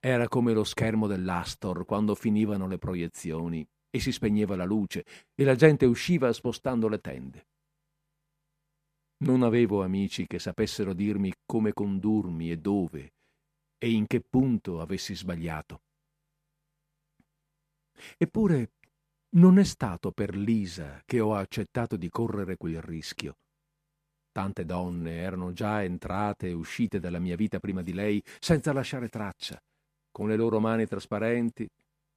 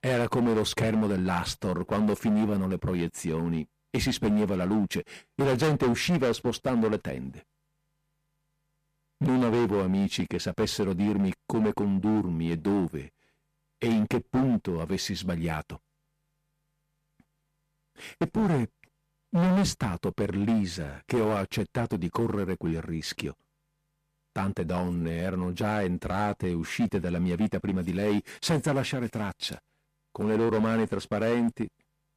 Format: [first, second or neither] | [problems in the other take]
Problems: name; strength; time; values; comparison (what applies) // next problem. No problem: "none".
first | distortion; heavy; 10% of the sound clipped